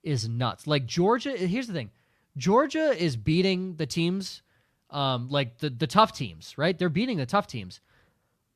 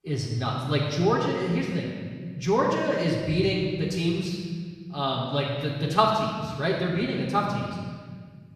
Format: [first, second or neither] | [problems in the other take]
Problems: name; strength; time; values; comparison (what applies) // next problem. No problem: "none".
first | off-mic speech; far // room echo; noticeable; dies away in 1.8 s